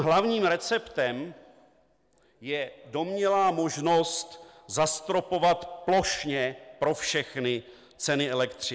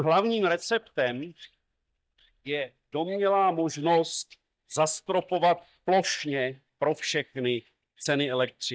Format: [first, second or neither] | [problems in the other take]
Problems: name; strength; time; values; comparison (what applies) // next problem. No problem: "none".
first | noise reduction (neural mask model DeepFilterNet 3)